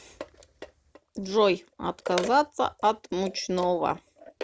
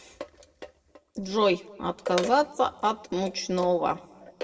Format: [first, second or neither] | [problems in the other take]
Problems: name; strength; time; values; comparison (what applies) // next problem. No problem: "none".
first | room echo; dies away in 1.2 s